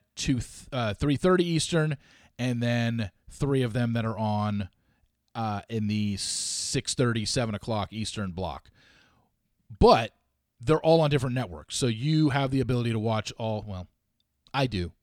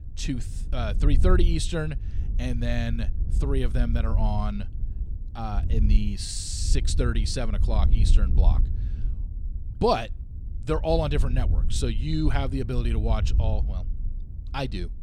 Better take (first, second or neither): first